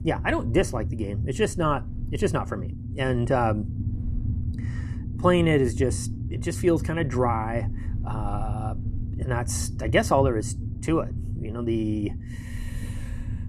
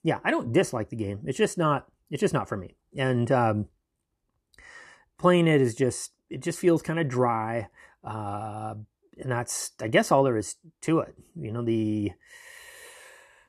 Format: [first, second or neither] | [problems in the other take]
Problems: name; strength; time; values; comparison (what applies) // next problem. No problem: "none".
second | low rumble; noticeable; throughout; 15 dB below the speech